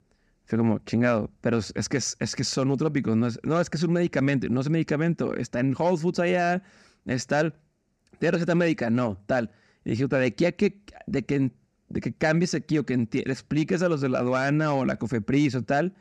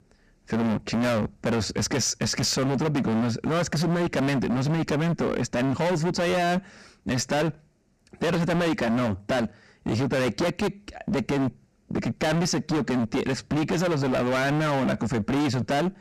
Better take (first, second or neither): first